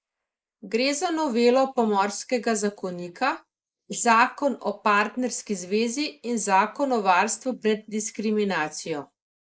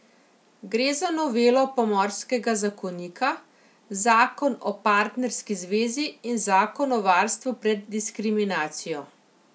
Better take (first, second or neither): second